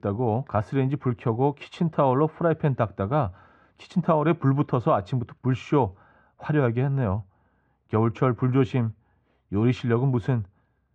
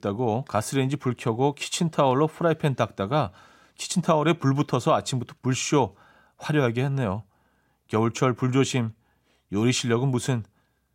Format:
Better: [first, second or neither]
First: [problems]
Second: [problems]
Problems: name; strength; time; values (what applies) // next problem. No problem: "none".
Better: second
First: muffled; very; fading above 1.5 kHz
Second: none